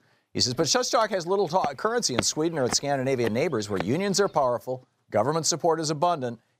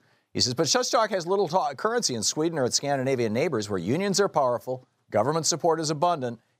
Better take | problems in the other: second | footsteps; noticeable; from 0.5 to 4 s; peak 8 dB below the speech

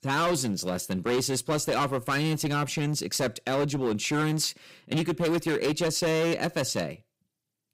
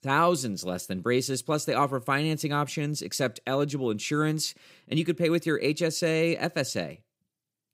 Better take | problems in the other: second | distortion; heavy; 15% of the sound clipped

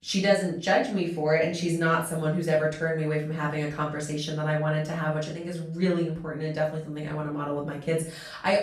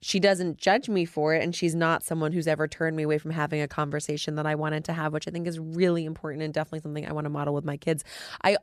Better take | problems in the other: second | off-mic speech; far // room echo; slight; dies away in 0.4 s

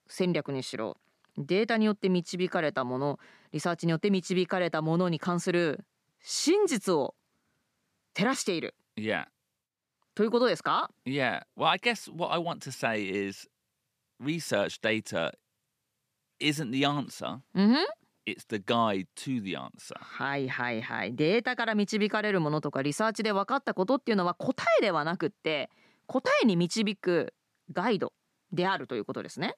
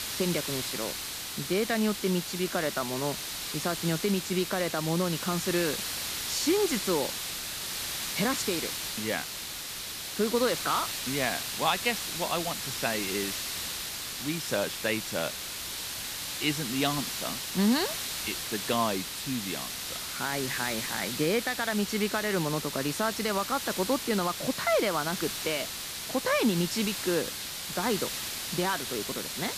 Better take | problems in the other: first | hiss; loud; throughout; 2 dB below the speech

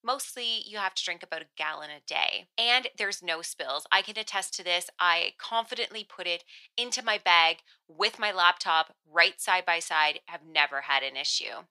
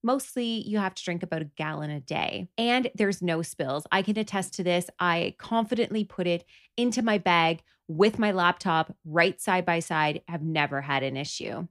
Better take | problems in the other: second | thin; very; fading below 950 Hz

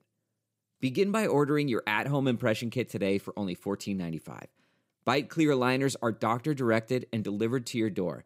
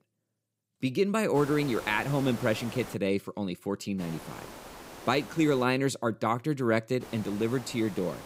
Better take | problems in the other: first | hiss; noticeable; from 1.5 to 3 s, from 4 to 5.5 s and from 7 s on; 15 dB below the speech

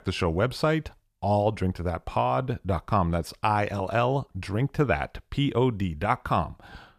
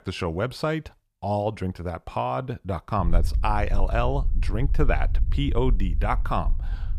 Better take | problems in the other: first | low rumble; faint; from 3 s on; 20 dB below the speech

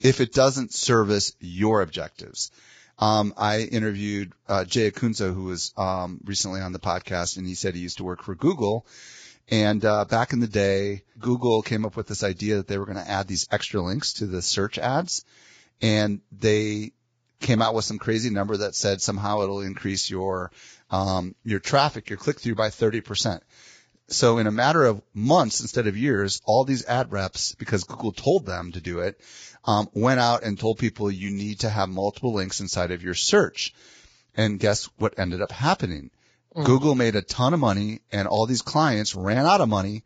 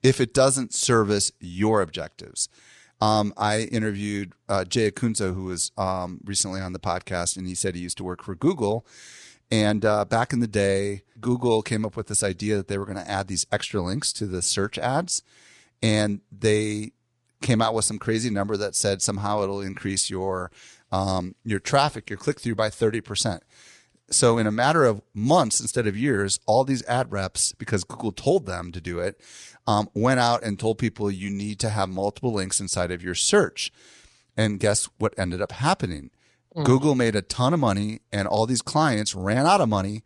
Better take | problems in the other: second | garbled, watery; badly; nothing above 7.5 kHz; slightly in the second

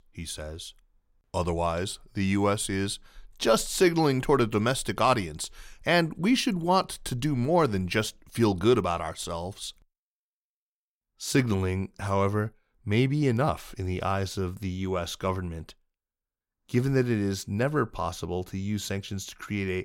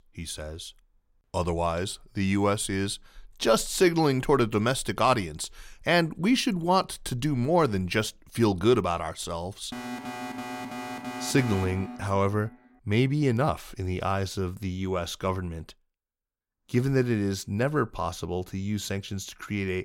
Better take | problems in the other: first | alarm; noticeable; from 9.5 to 13 s; peak 8 dB below the speech

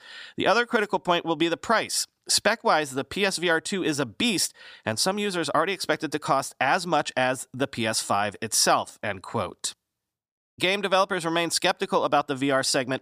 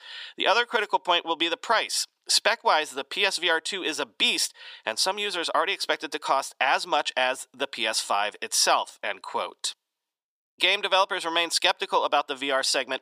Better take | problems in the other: first | thin; somewhat; fading below 450 Hz

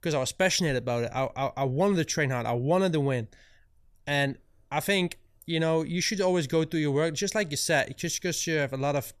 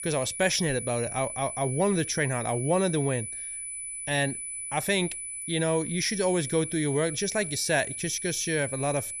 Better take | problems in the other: first | high-pitched whine; loud; throughout; 10 kHz, 6 dB below the speech

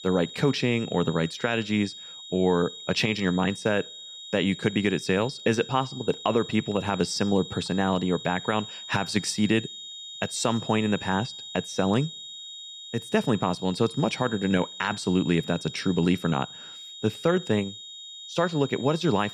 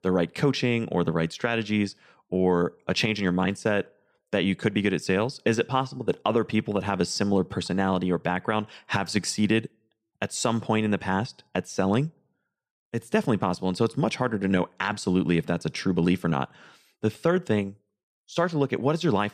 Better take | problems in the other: second | high-pitched whine; noticeable; throughout; 4 kHz, 10 dB below the speech

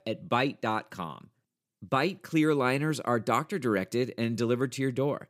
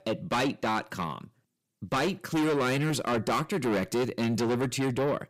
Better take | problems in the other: first | distortion; heavy; 6 dB below the speech

